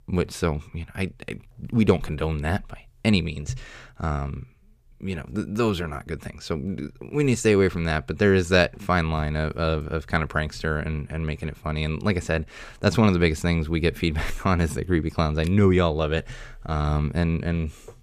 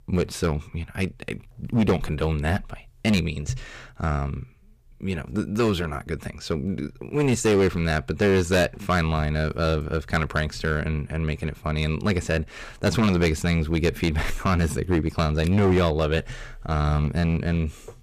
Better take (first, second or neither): first